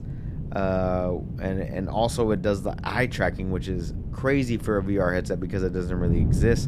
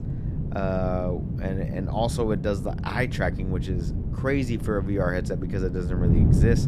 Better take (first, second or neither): first